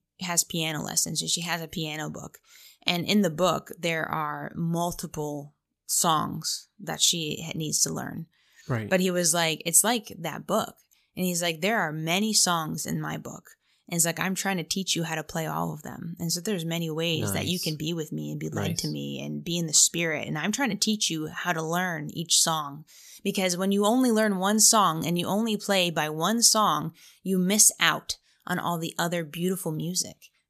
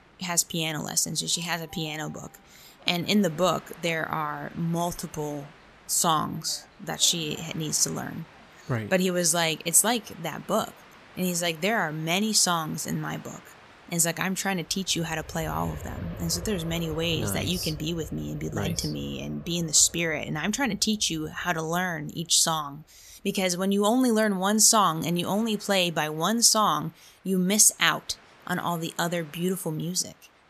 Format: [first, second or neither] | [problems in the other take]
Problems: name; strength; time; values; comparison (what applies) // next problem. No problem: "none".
first | train or aircraft noise; faint; throughout; 20 dB below the speech